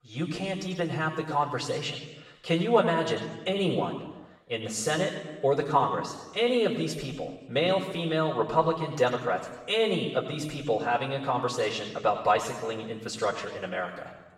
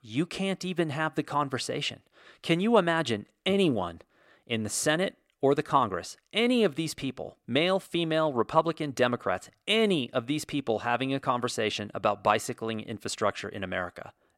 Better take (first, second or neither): second